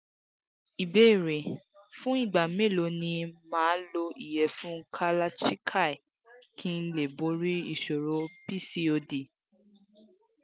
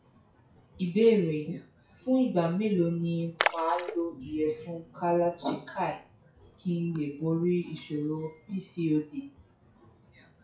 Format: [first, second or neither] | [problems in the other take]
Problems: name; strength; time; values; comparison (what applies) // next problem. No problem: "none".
first | noise reduction (classical method WPE with log-MMSE)